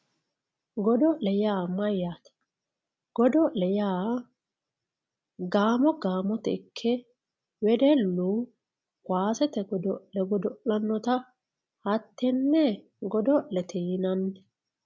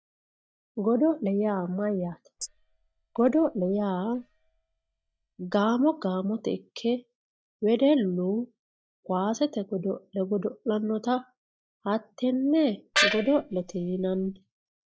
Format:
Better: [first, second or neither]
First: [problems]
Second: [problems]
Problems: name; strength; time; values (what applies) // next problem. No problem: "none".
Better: first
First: none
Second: noise reduction (neural mask model DeepFilterNet 3)